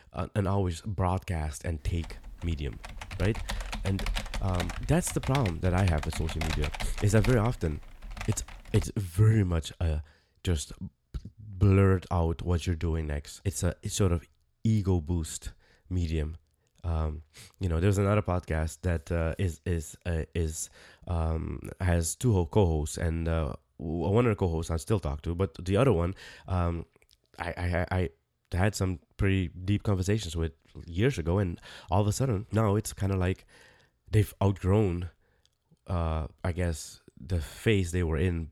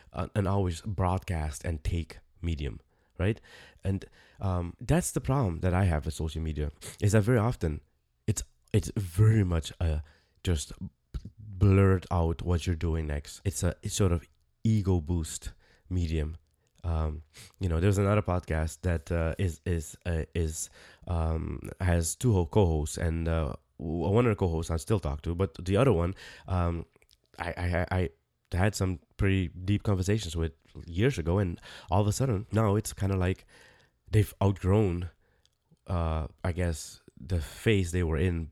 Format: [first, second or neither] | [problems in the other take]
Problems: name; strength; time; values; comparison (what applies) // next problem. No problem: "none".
second | keyboard typing; noticeable; from 2 to 9 s; peak 5 dB below the speech